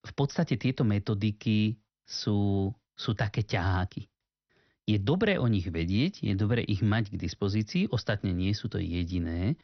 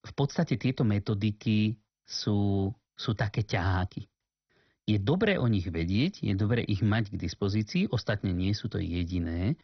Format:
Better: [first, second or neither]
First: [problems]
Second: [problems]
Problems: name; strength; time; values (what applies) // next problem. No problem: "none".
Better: first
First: garbled, watery; slightly; nothing above 6 kHz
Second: garbled, watery; badly; nothing above 6 kHz